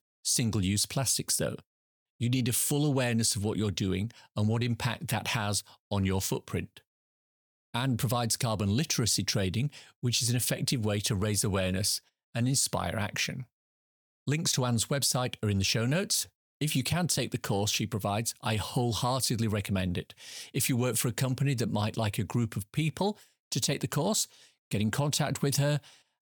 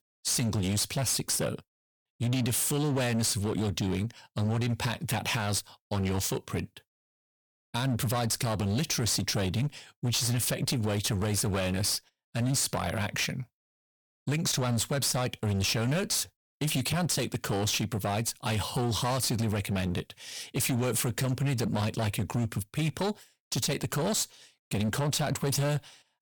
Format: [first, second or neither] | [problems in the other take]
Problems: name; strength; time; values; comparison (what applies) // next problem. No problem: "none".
first | distortion; slight; 18% of the sound clipped